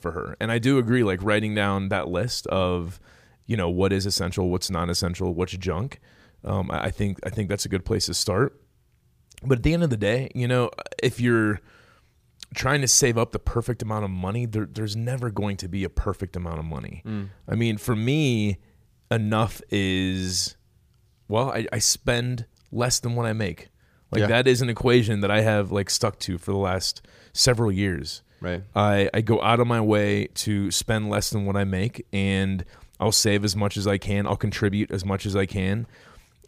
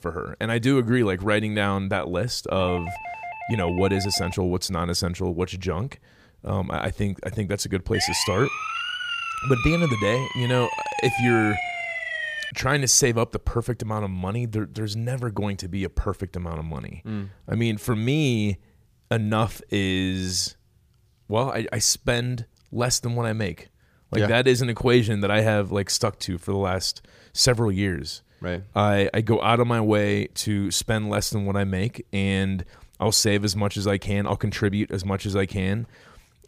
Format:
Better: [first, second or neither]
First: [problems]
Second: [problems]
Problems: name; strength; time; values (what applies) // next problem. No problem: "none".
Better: first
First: none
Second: doorbell; noticeable; from 2.5 to 4.5 s; peak 10 dB below the speech // siren; noticeable; from 8 to 13 s; peak 1 dB below the speech